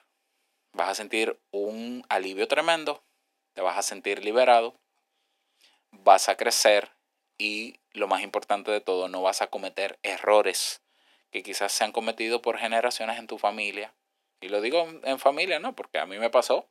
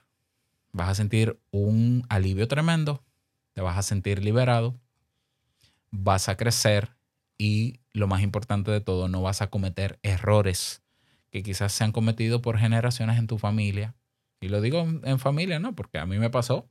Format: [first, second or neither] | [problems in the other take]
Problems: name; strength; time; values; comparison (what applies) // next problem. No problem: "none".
second | thin; very; fading below 300 Hz